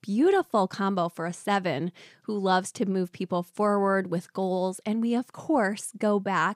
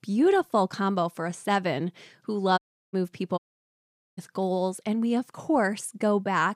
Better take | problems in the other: first | audio cutting out; at 2.5 s and at 3.5 s for 1 s

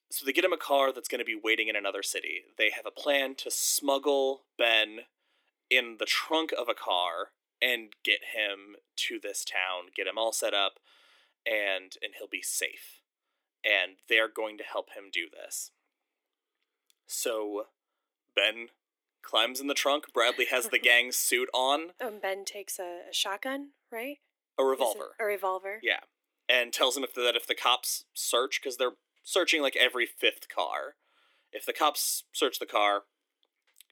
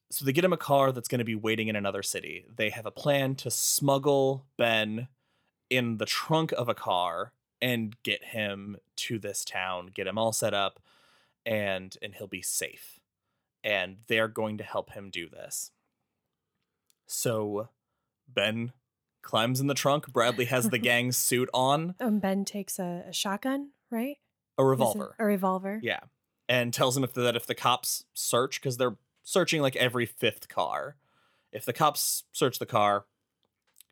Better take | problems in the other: second | thin; somewhat; fading below 300 Hz

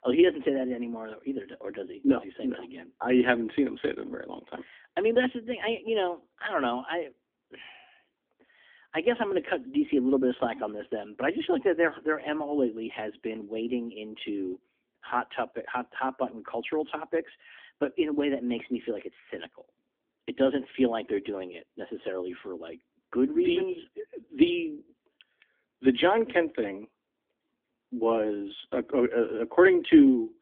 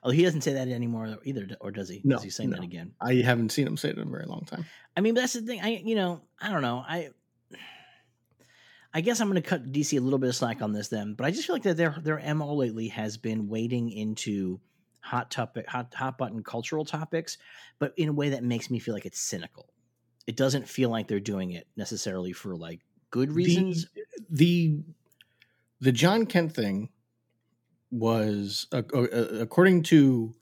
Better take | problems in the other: second | phone-call audio; nothing above 3.5 kHz

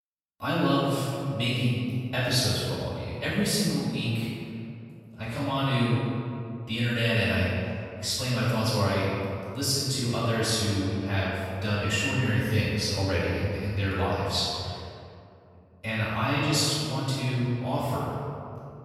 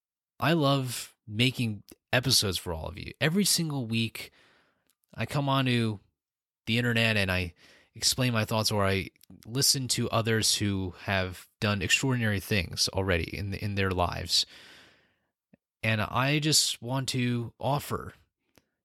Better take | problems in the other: second | room echo; strong; dies away in 2.4 s // off-mic speech; far

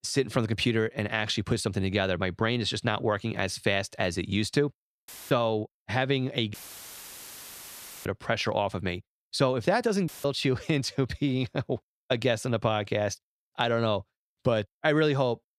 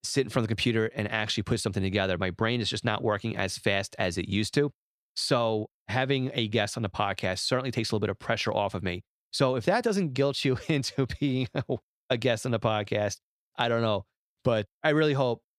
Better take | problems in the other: second | audio cutting out; filled with static; at 5 s, at 6.5 s for 1.5 s and at 10 s

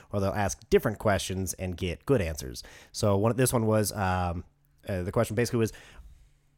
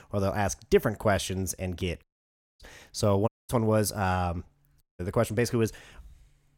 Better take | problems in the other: first | audio cutting out; at 2 s for 0.5 s, at 3.5 s and at 5 s

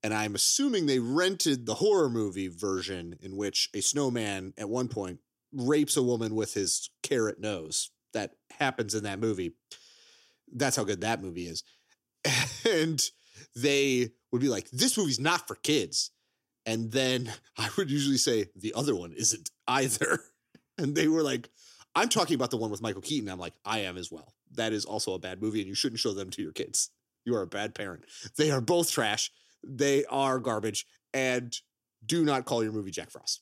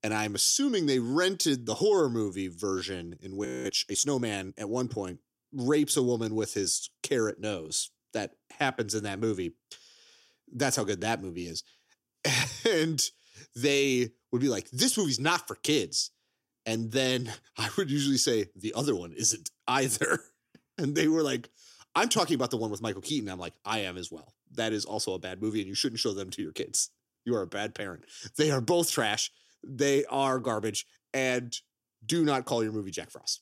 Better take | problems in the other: first | audio freezing; at 3.5 s

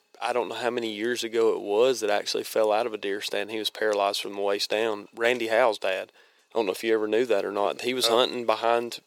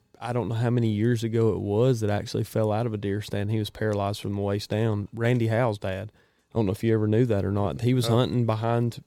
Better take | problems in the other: second | thin; very; fading below 400 Hz

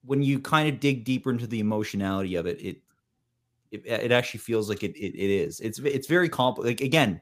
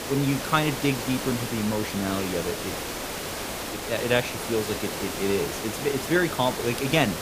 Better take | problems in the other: first | hiss; loud; throughout; 4 dB below the speech

